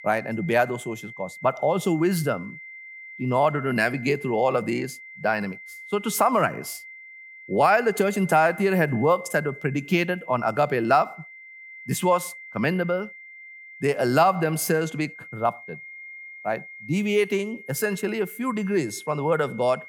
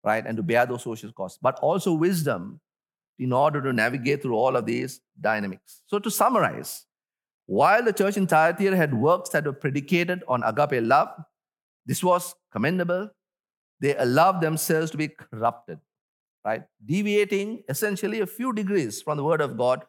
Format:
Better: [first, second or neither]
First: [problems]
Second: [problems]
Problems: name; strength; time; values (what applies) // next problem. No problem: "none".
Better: second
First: high-pitched whine; noticeable; throughout; 2 kHz, 15 dB below the speech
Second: none